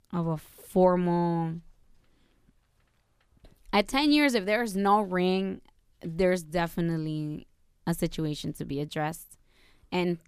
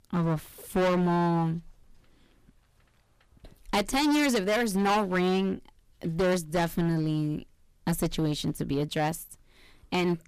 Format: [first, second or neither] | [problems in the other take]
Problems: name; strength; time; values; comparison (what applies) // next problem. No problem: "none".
first | distortion; heavy; 13% of the sound clipped